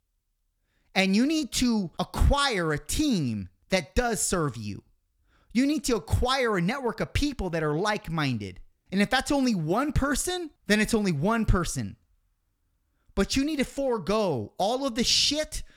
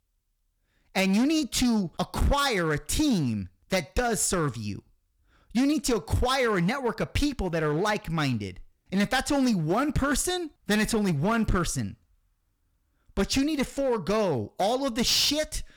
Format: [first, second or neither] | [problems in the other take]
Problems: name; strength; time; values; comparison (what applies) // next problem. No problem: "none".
first | distortion; slight; 7% of the sound clipped